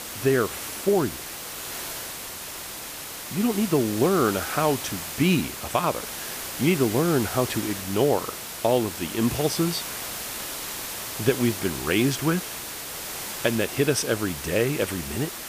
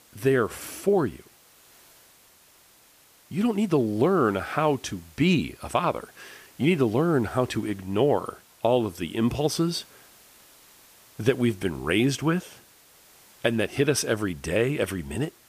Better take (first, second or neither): second